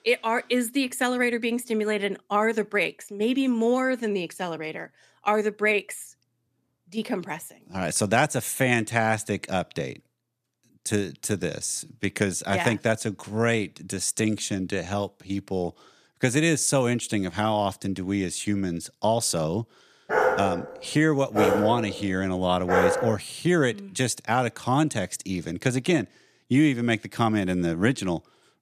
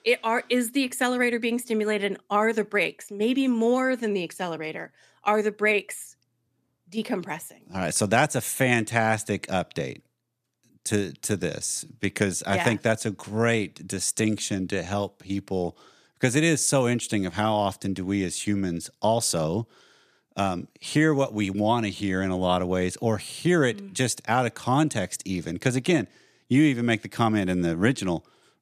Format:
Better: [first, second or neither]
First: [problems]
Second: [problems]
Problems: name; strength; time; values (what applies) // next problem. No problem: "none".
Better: second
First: dog barking; loud; from 20 to 23 s; peak 3 dB above the speech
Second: none